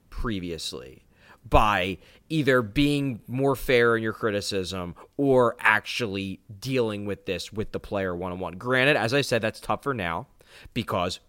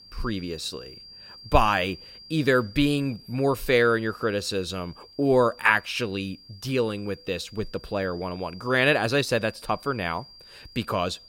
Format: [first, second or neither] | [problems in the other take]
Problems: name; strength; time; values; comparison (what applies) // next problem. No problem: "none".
first | high-pitched whine; faint; throughout; 4.5 kHz, 20 dB below the speech